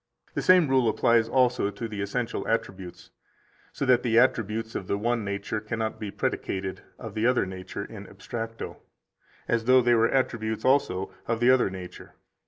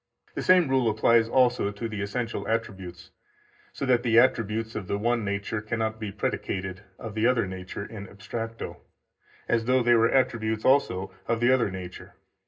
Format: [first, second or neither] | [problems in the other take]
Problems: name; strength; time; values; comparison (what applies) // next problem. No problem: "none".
first | room echo; dies away in 0.2 s